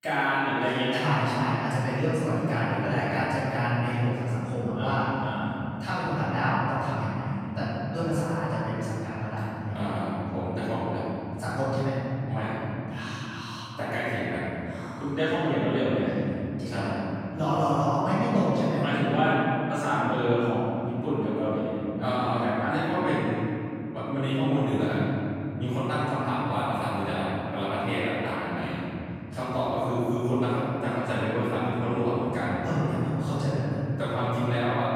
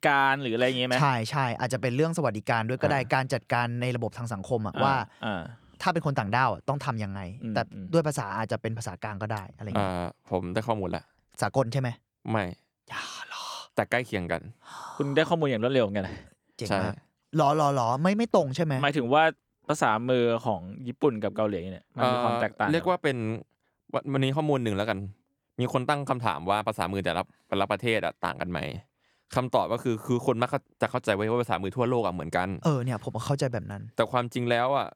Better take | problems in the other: second | off-mic speech; far // room echo; strong; dies away in 3 s

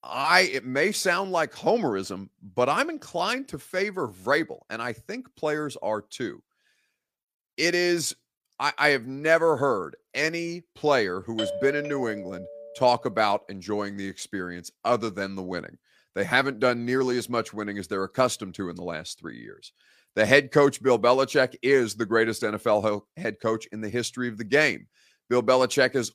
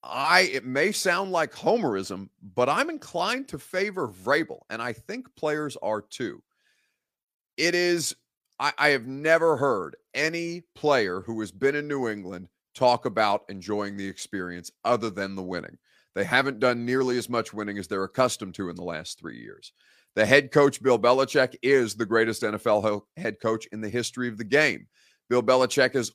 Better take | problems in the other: second | doorbell; noticeable; from 11 to 13 s; peak 5 dB below the speech

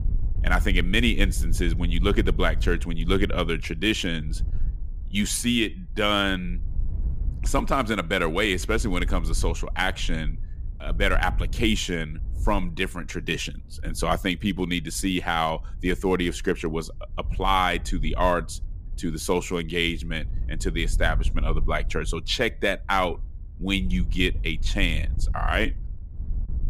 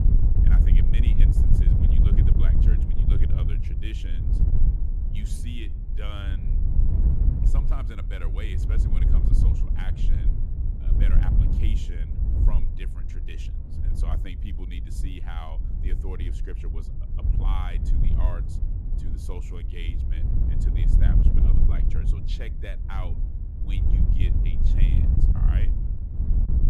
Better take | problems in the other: first | wind noise on the microphone; heavy; 1 dB above the speech; occasional gusts in the first

